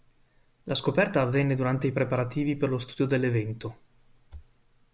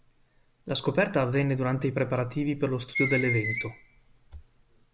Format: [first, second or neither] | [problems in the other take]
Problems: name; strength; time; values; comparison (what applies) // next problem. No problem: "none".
first | background sound (Screech); 6 dB below the speech